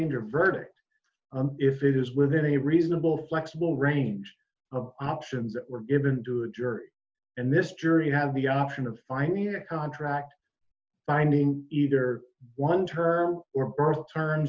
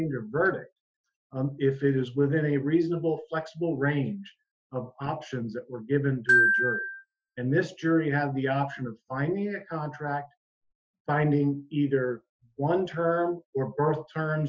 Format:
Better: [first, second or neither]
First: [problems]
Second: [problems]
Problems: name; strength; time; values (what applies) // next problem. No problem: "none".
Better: first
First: none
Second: noise reduction (classical method Wiener filter)